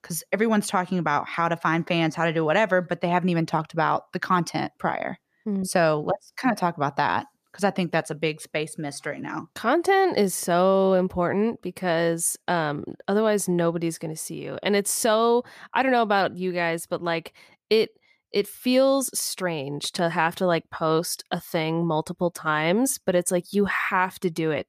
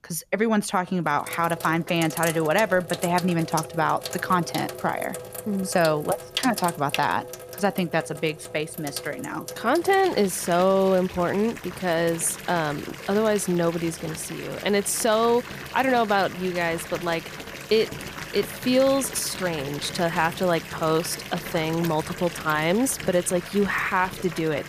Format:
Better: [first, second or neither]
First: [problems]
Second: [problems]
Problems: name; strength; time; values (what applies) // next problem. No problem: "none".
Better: first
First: none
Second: household noises; noticeable; throughout; 10 dB below the speech